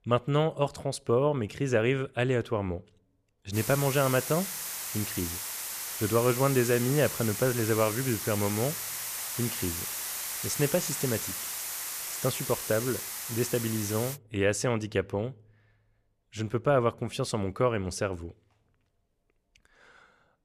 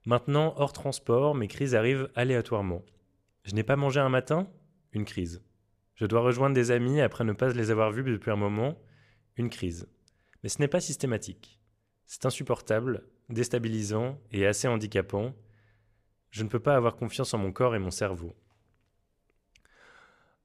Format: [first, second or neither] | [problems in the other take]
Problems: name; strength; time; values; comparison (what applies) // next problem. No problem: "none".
second | hiss; loud; from 3.5 to 14 s; 4 dB below the speech